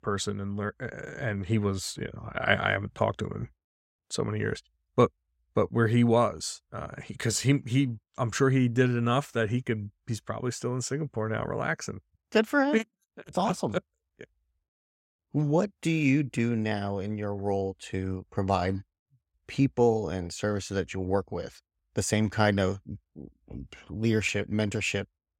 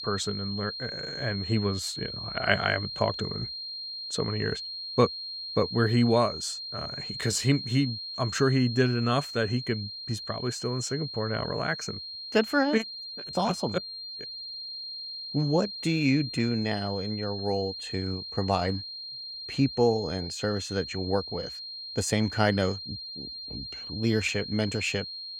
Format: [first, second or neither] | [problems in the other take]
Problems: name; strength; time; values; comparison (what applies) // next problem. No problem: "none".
first | high-pitched whine; loud; throughout; 4 kHz, 7 dB below the speech